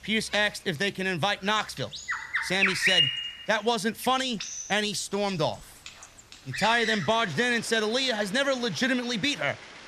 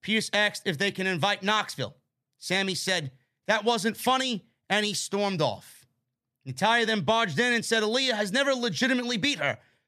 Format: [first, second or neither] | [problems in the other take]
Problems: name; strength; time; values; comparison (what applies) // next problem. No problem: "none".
second | animal sounds; loud; throughout; 1 dB below the speech